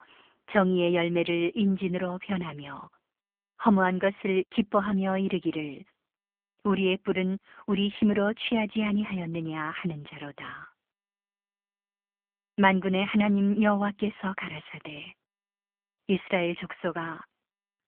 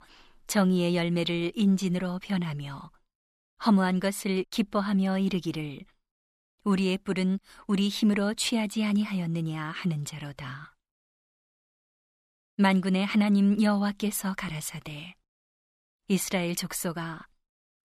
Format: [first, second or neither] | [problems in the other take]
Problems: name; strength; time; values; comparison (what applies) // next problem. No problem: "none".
second | phone-call audio; poor line